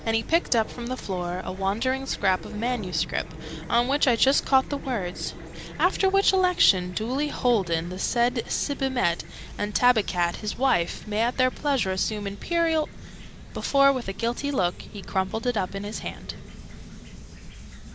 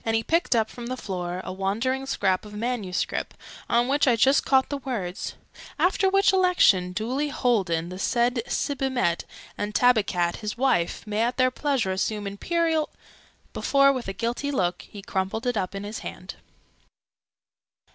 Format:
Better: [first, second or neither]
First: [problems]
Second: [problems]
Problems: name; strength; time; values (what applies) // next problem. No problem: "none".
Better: second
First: background sound (Chirp, tweet / Fowl); 13 dB below the speech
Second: none